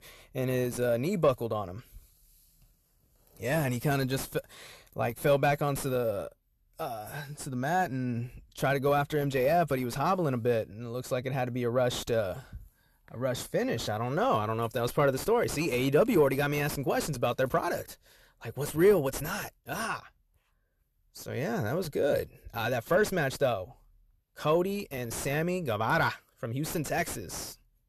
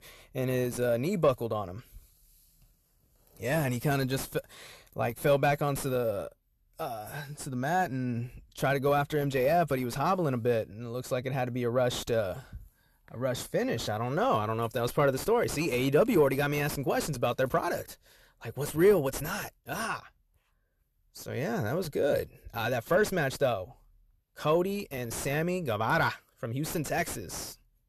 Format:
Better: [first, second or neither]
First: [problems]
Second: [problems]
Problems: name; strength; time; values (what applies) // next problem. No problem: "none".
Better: neither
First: distortion; slight; 10 dB below the speech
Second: distortion; slight; 10 dB below the speech